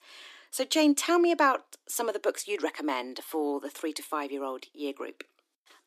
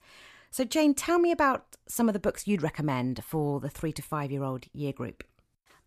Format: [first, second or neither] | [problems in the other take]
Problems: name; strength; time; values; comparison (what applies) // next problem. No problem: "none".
second | thin; very slightly; fading below 300 Hz